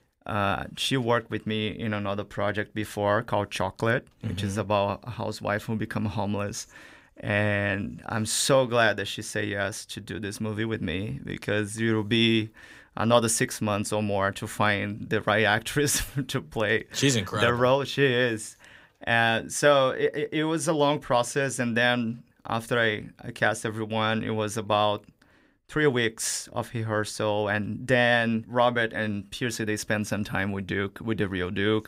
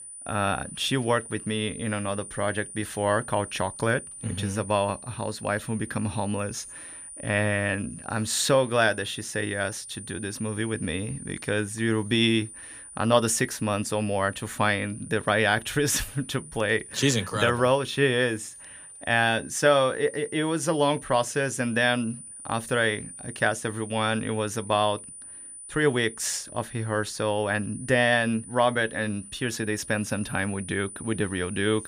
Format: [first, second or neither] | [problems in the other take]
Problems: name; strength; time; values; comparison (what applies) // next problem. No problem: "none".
first | high-pitched whine; noticeable; throughout; 9.5 kHz, 15 dB below the speech